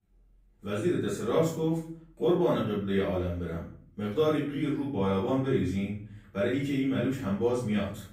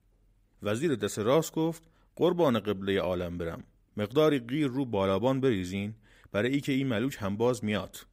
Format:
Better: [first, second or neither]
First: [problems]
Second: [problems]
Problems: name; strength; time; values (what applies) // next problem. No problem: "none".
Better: second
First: room echo; noticeable; dies away in 0.5 s // off-mic speech; far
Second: none